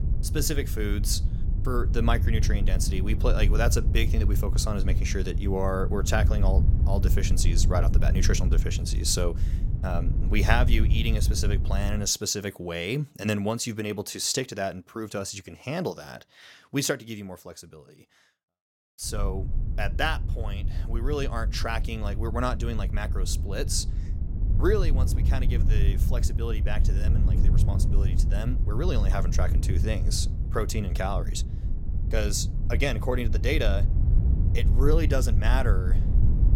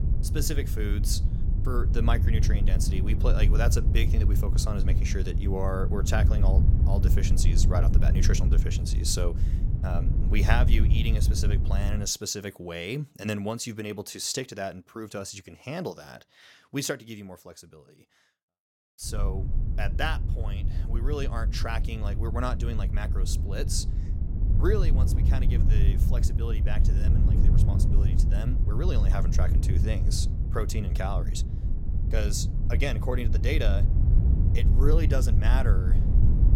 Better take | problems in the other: first | wind noise on the microphone; heavy; until 12 s and from 19 s on; 7 dB below the speech; occasional gusts in the first

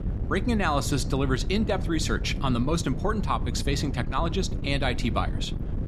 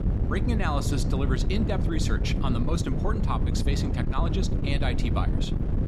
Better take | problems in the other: first | wind noise on the microphone; heavy; 4 dB below the speech; occasional gusts in the first

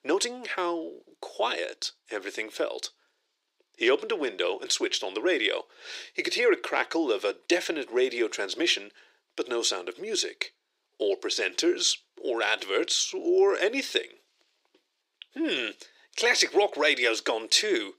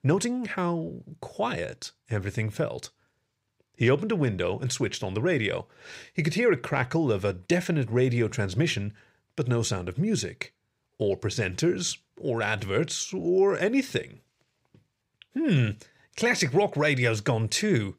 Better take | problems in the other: second | thin; very; fading below 350 Hz

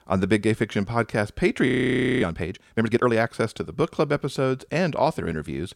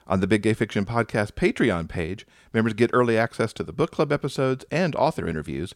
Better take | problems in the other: second | audio freezing; at 1.5 s for 0.5 s

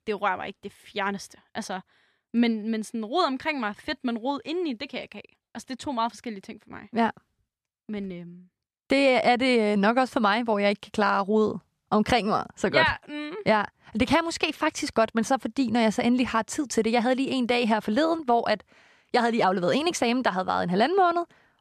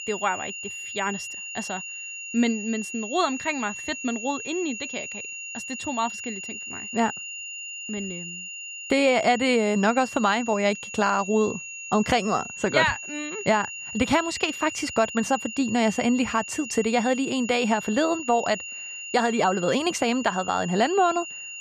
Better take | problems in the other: first | high-pitched whine; loud; throughout; 3 kHz, 9 dB below the speech

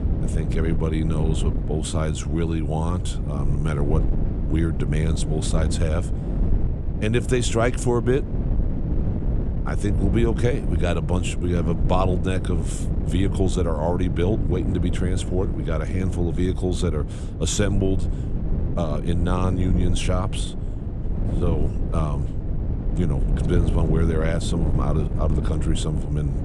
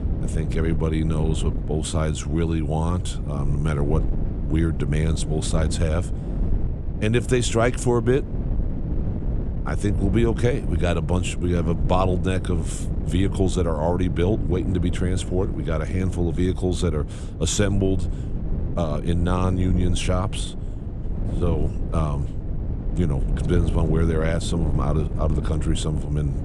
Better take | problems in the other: second | wind noise on the microphone; heavy; 8 dB below the speech; occasional gusts in the second

